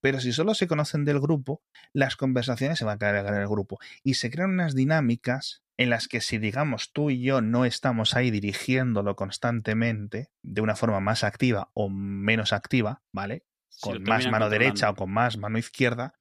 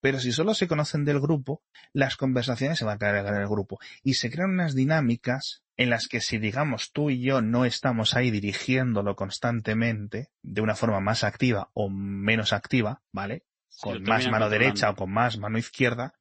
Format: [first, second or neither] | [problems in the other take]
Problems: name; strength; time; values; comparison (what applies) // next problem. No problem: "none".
first | garbled, watery; slightly; nothing above 8 kHz